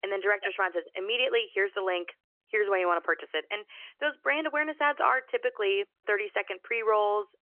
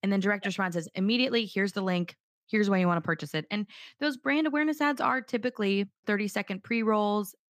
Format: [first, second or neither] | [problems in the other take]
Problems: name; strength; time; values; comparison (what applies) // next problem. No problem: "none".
second | phone-call audio; nothing above 3 kHz